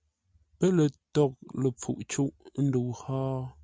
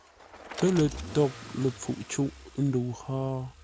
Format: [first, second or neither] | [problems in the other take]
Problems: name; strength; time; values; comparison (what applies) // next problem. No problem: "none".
first | background sound (Bicycle + Engine starting / Accelerating, revving, vroom / Car); 14 dB below the speech